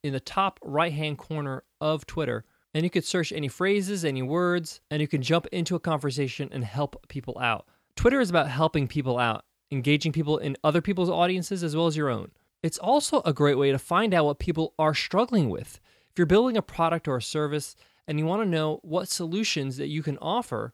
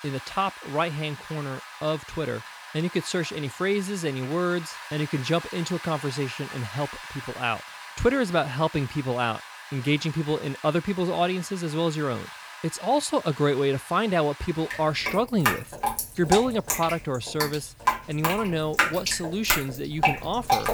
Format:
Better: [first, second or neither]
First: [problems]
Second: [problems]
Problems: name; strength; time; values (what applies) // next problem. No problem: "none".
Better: first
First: none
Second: rain or running water; loud; throughout; 5 dB below the speech